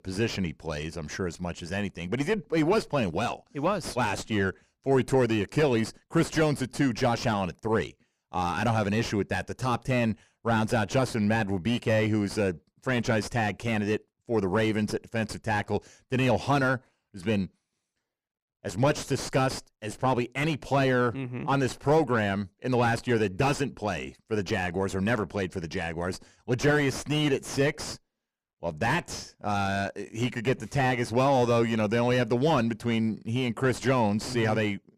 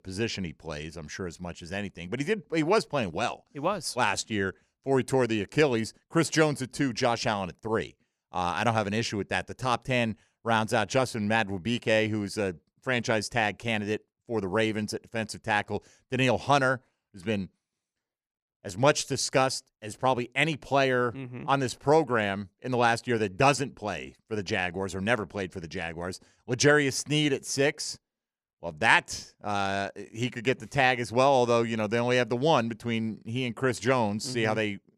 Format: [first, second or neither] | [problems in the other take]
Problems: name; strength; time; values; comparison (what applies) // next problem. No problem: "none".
second | distortion; heavy; 6 dB below the speech